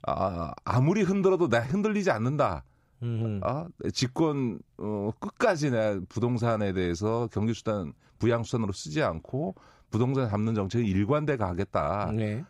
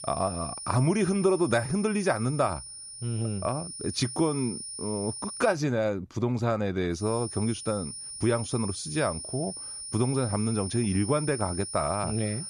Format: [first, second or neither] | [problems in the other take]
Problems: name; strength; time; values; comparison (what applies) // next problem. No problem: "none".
first | high-pitched whine; loud; until 5.5 s and from 7 s on; 9.5 kHz, 8 dB below the speech